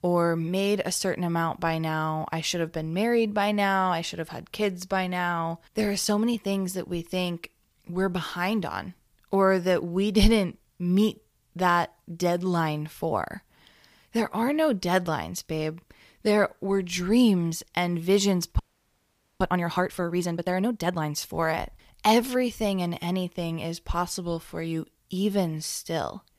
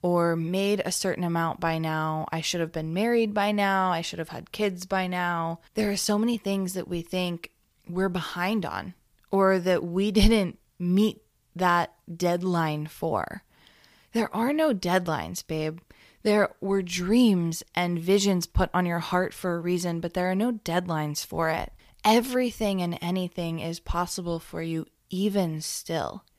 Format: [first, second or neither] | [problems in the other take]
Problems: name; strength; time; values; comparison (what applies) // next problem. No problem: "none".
second | audio freezing; at 19 s for 1 s